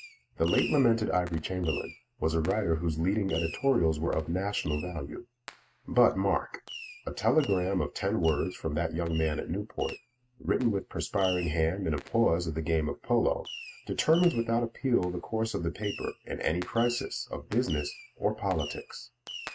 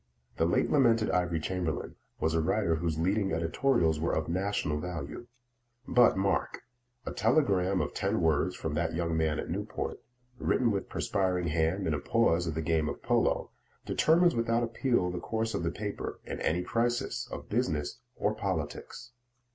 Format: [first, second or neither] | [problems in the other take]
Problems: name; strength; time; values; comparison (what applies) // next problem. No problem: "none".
second | noise reduction (neural mask model RNNoise)